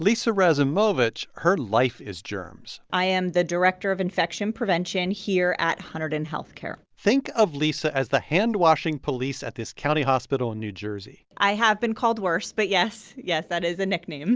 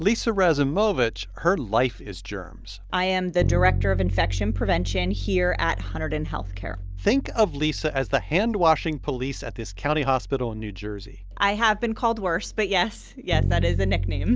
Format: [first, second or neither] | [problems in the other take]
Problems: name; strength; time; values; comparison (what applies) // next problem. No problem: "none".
first | background sound (Bass guitar); 4 dB below the speech